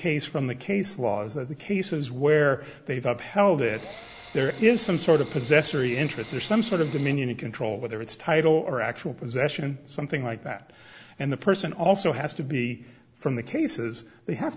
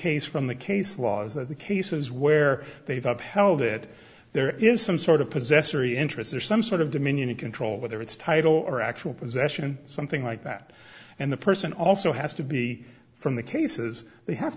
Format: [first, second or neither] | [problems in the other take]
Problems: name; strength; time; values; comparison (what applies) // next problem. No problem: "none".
second | background sound (Drill); 19 dB below the speech